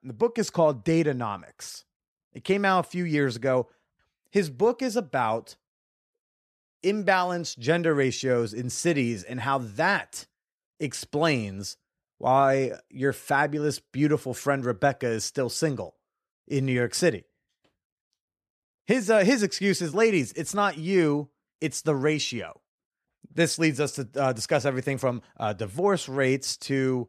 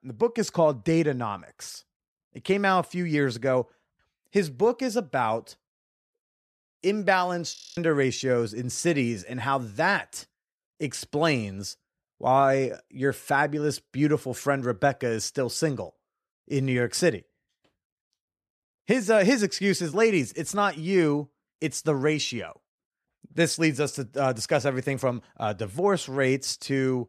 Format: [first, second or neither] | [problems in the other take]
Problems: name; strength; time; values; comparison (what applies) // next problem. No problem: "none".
first | audio freezing; at 7.5 s